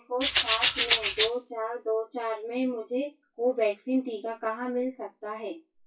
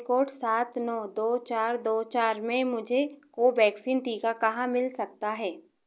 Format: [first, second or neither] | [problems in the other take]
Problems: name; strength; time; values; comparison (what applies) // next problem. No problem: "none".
second | noise reduction (classical method WPE with log-MMSE)